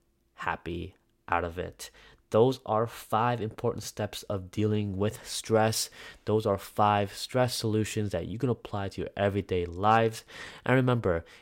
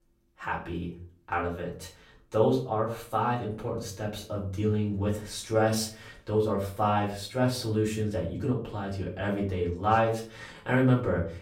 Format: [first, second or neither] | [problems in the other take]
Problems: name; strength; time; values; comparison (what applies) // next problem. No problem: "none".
first | off-mic speech; far // room echo; slight; dies away in 0.4 s